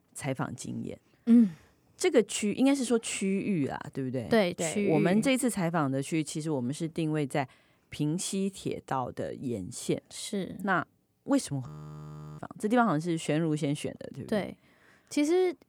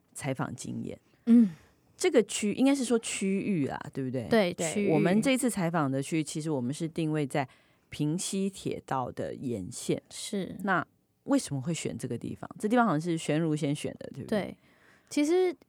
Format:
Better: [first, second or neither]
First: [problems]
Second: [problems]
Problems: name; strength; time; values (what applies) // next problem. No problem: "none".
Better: second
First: audio freezing; at 12 s for 0.5 s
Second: none